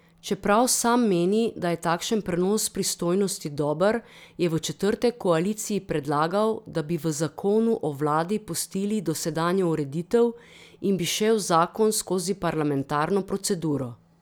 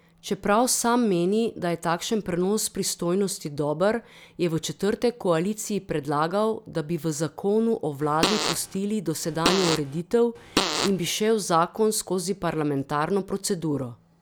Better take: first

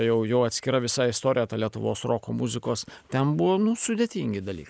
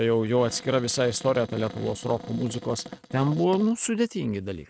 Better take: first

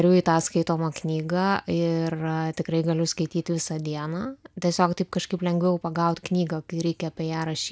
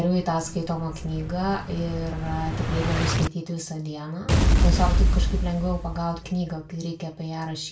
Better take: first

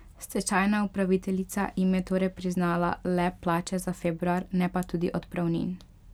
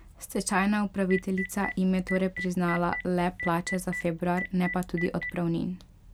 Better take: first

